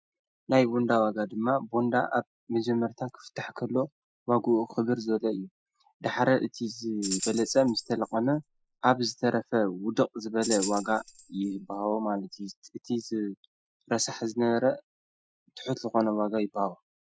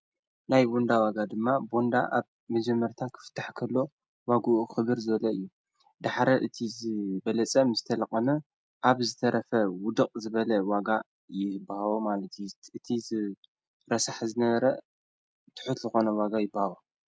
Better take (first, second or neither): second